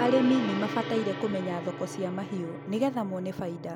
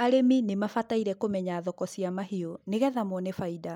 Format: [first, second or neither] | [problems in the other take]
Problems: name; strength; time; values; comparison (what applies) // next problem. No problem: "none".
second | background sound (Gong); 6 dB below the speech